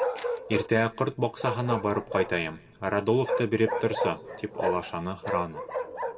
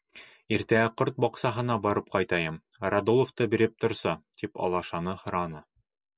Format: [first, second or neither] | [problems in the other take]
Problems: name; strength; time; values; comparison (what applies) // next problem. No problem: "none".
second | background sound (Bark); 4 dB below the speech // room echo; dies away in 1.7 s